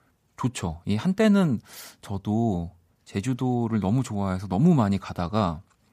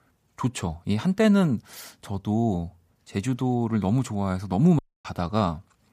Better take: first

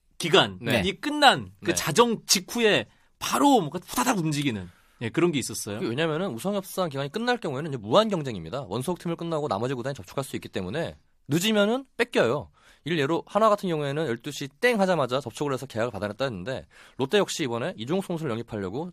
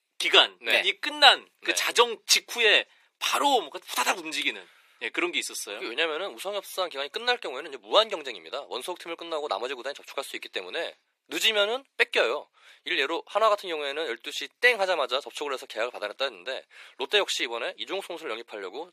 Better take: first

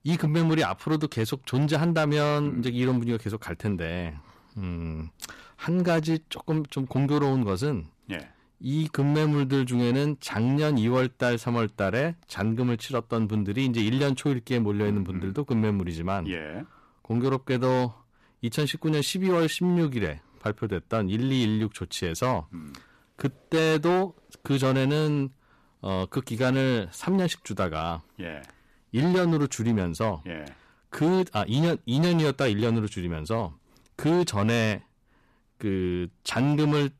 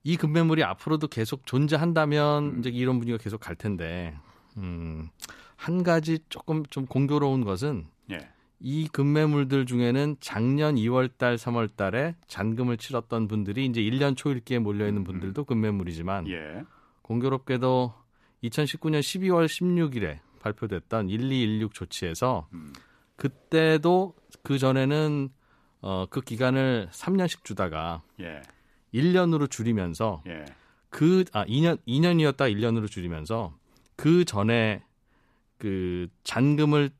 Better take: second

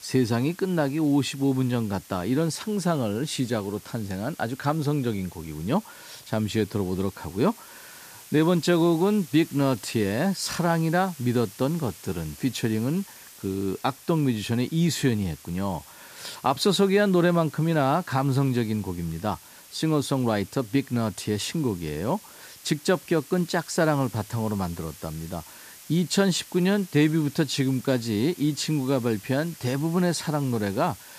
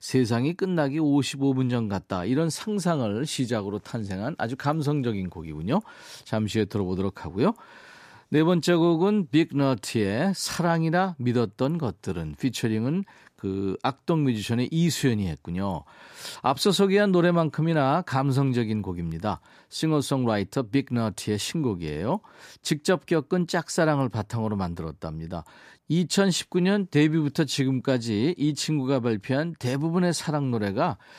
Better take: second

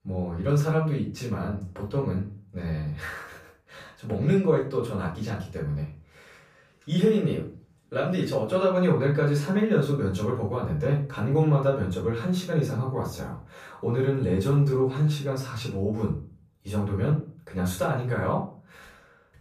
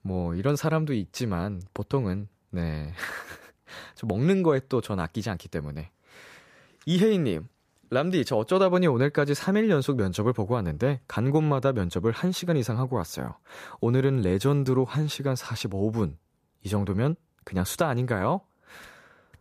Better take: second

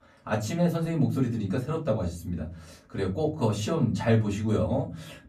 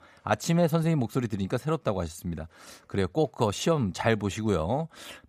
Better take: second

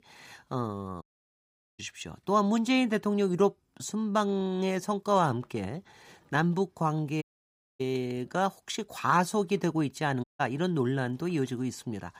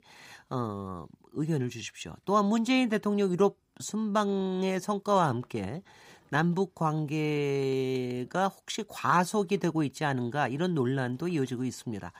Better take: second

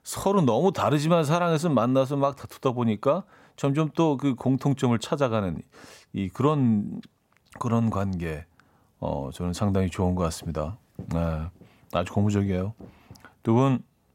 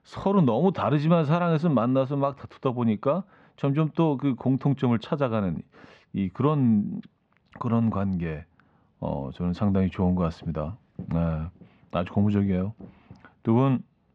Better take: first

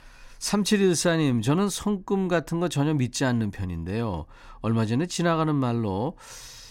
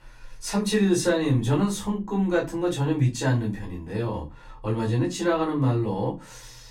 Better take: first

